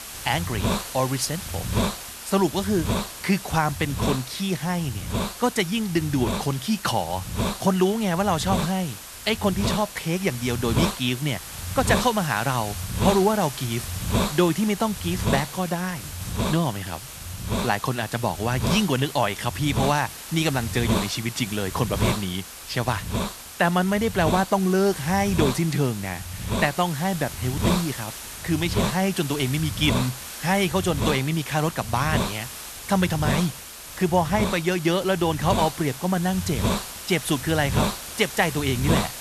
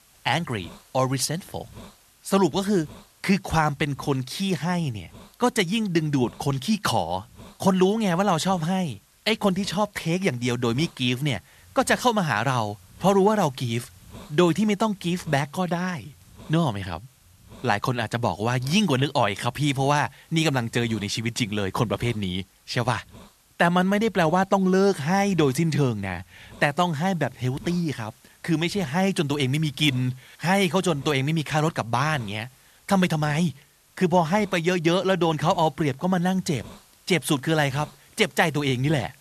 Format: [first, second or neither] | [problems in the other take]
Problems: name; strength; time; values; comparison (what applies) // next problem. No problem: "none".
second | hiss; loud; throughout; 5 dB below the speech; faint in the second